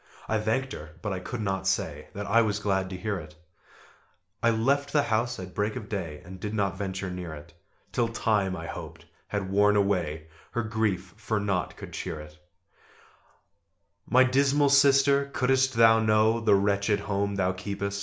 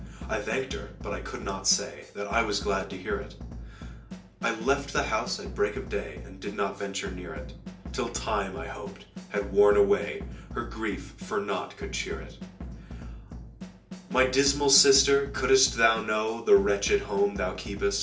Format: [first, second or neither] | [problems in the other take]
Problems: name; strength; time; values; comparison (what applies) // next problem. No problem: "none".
first | background sound (Drum / Drum kit); 12 dB below the speech // room echo; dies away in 0.3 s